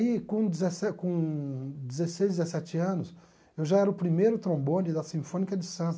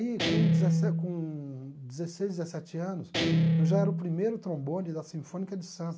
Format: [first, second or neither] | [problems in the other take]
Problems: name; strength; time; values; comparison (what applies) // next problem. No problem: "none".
first | background sound (Guitar); 4 dB above the speech